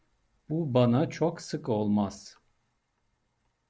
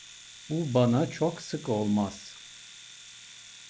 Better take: first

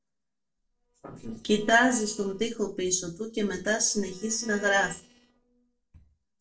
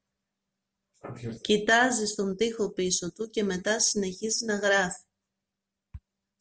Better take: second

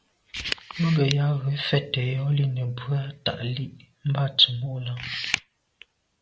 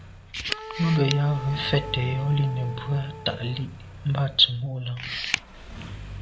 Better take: first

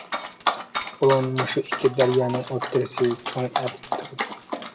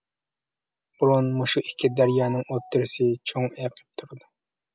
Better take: second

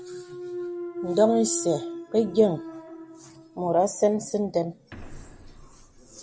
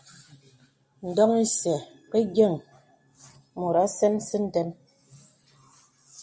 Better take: second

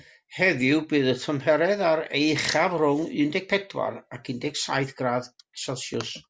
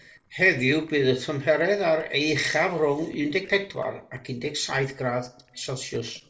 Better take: first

